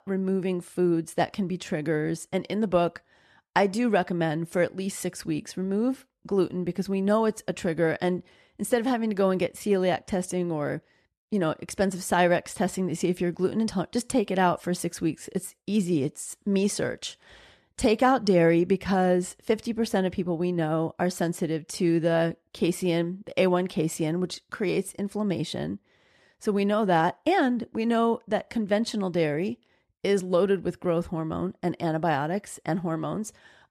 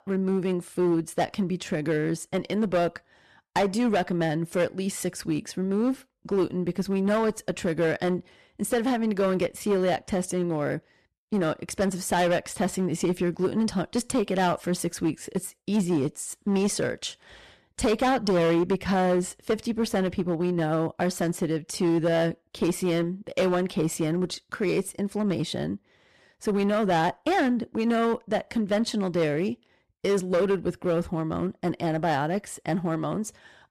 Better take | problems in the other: first | distortion; slight; 8% of the sound clipped

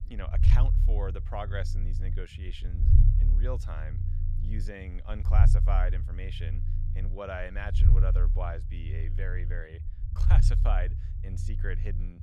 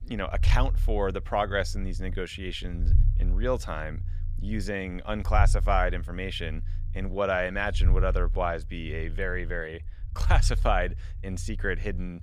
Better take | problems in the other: second | low rumble; loud; throughout; 6 dB below the speech; faint in the second

